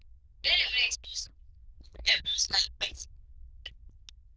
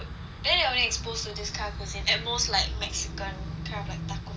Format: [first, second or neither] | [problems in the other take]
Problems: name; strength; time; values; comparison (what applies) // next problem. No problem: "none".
second | noise reduction (neural diffusion model UNIVERSE++)